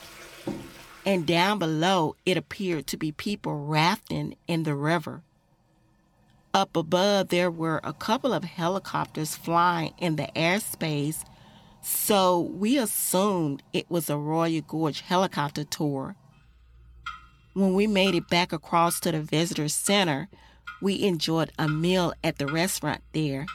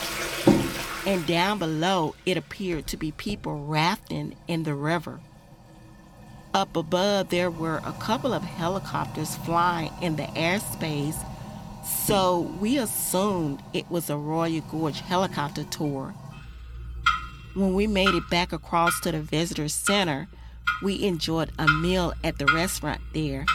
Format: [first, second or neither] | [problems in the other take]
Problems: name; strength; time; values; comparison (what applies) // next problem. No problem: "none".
first | household noises; loud; throughout; 4 dB below the speech; faint in the first